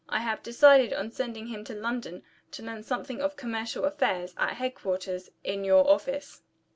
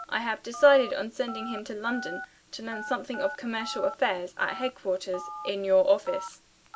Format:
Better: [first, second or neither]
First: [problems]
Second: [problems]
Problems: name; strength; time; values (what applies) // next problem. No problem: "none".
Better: first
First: none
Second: background sound (Telephone); 13 dB below the speech